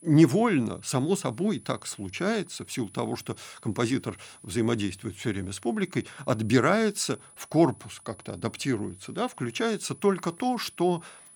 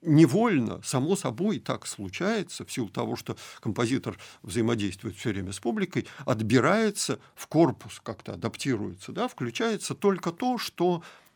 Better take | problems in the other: second | high-pitched whine; faint; throughout; 10 kHz, 25 dB below the speech

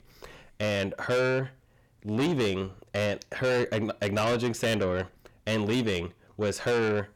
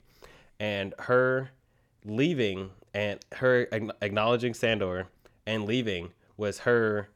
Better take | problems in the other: second | distortion; heavy; 7 dB below the speech

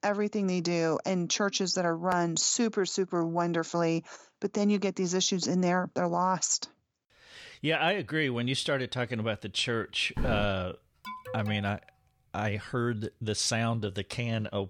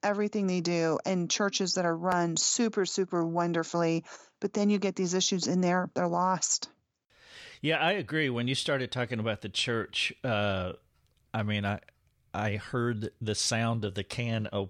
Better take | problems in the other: second | footsteps; noticeable; at 10 s; peak 6 dB below the speech // alarm; faint; at 11 s; peak 10 dB below the speech

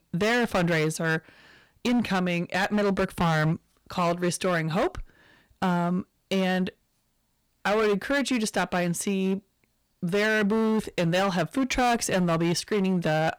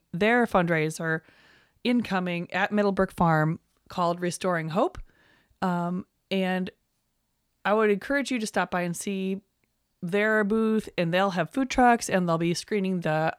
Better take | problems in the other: second | distortion; heavy; 14% of the sound clipped

